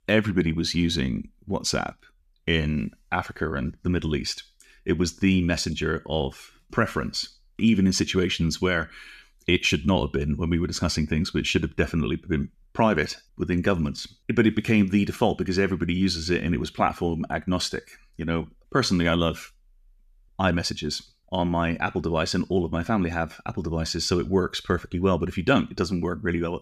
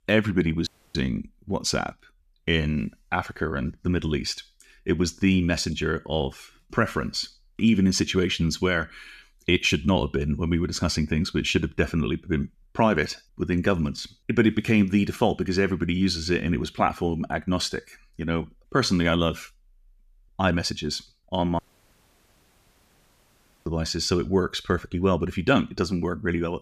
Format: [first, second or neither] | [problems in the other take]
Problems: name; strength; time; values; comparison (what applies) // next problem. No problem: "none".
first | audio cutting out; at 0.5 s and at 22 s for 2 s